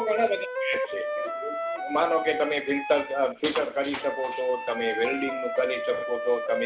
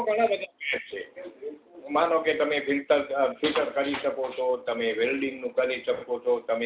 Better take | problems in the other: second | background sound (Wind instrument, woodwind instrument); 5 dB below the speech

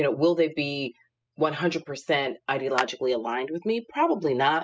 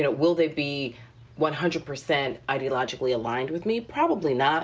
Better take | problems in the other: second | noise reduction (classical method spectral subtraction)

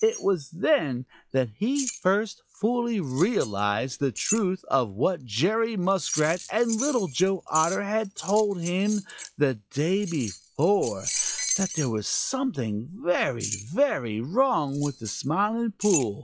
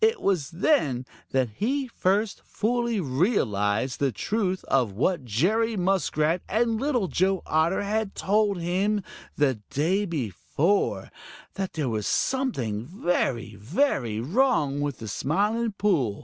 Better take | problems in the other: second | noise reduction (classical method log-MMSE)

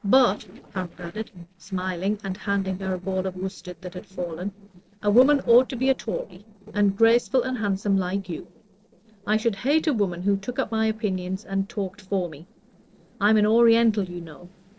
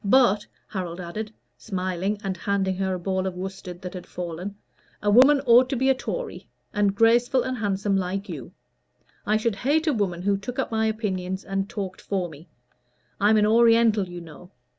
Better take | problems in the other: second | noise reduction (neural separator model SepFormer DNS4)

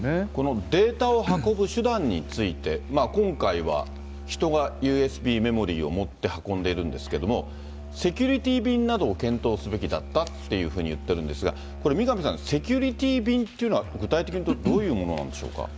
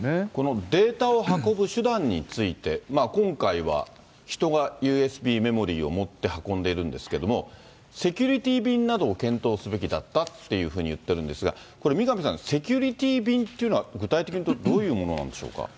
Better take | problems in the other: second | background sound (Musical instrument); 12 dB below the speech

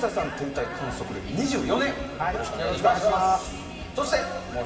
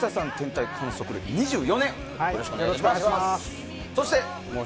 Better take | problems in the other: second | room echo; dies away in 2 s

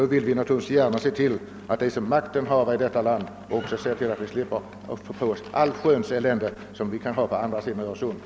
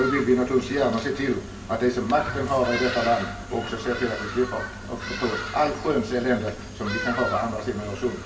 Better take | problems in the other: first | background sound (Bird vocalization, bird call, bird song); 9 dB below the speech // room echo; dies away in 0.3 s

